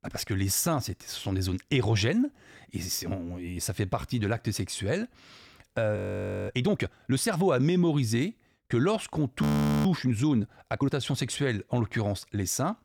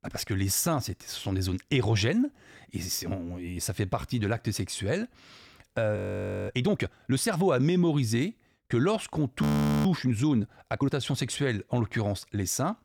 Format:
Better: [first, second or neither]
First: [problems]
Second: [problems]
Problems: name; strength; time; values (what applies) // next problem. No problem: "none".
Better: neither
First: audio freezing; at 6 s for 0.5 s and at 9.5 s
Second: audio freezing; at 6 s for 0.5 s and at 9.5 s